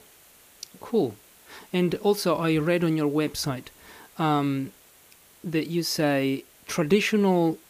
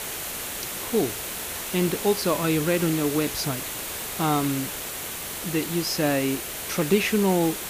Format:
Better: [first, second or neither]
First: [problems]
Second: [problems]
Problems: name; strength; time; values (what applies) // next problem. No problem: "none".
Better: first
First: hiss; faint; throughout; 25 dB below the speech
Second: hiss; loud; throughout; 5 dB below the speech